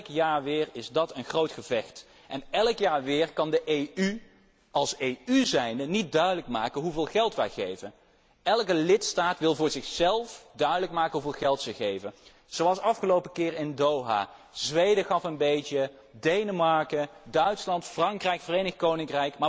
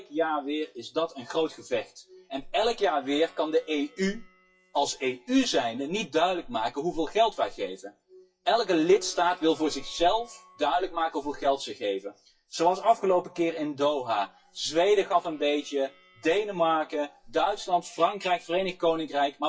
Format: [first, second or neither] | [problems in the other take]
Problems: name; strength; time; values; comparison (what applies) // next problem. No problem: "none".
first | noise reduction (classical method WPE with log-MMSE)